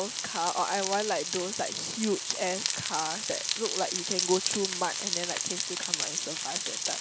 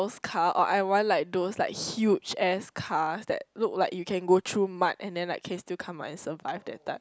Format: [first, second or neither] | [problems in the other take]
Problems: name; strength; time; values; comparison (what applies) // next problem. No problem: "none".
second | background sound (Frying (food)); as loud as the speech